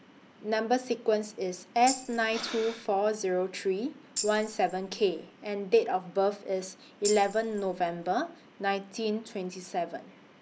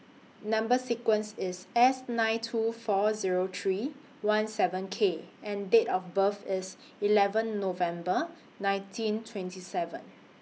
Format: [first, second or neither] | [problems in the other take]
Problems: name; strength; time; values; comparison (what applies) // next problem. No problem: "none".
second | background sound (Tambourine + Breathing); 10 dB below the speech